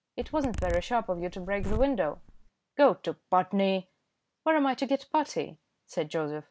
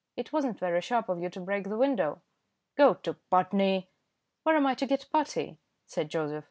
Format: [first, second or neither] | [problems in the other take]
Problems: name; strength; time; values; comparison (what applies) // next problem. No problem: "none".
second | background sound (Zipper (clothing)); 6 dB below the speech